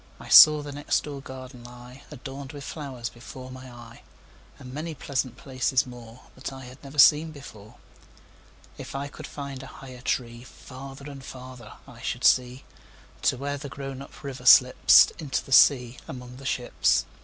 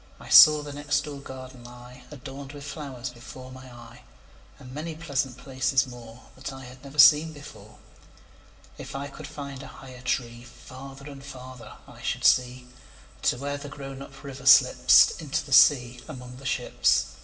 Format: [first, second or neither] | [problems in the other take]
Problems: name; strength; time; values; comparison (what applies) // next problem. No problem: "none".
first | room echo; dies away in 1.5 s